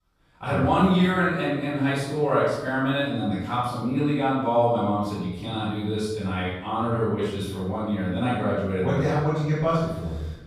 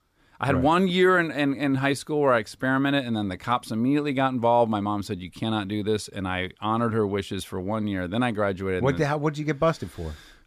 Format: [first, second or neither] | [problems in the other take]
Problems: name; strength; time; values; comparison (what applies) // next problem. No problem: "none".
second | room echo; strong; dies away in 0.9 s // off-mic speech; far